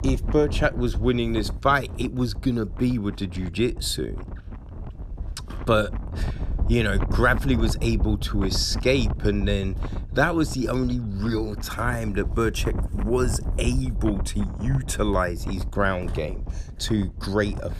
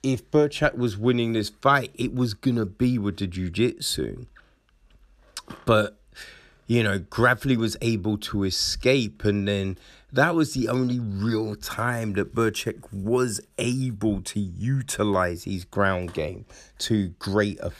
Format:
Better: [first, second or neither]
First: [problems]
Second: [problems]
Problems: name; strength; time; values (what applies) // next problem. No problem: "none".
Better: second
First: wind noise on the microphone; occasional gusts; 15 dB below the speech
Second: none